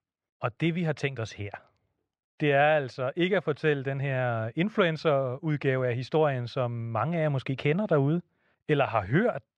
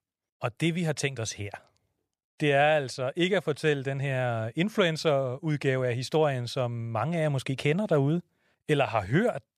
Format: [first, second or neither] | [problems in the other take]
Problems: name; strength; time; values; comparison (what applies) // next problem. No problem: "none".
second | muffled; slightly; fading above 3 kHz